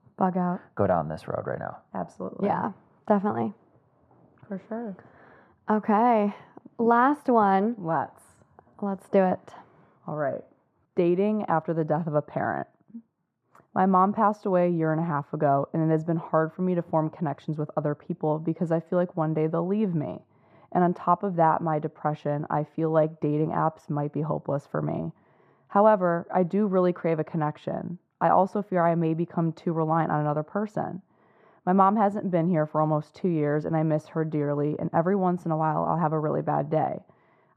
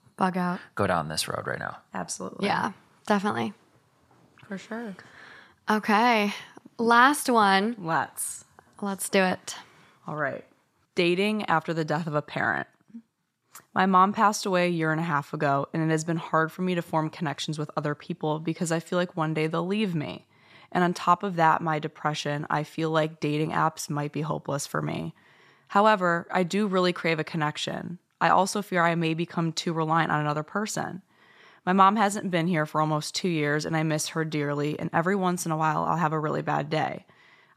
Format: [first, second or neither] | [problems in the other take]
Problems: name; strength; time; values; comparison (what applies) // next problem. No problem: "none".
second | muffled; very; fading above 2 kHz